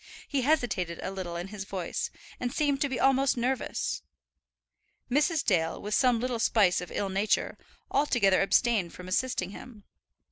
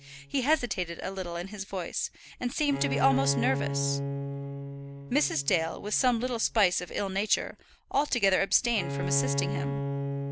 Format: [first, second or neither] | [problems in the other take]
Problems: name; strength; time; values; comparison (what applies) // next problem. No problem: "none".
first | background sound (Bowed string instrument); 5 dB below the speech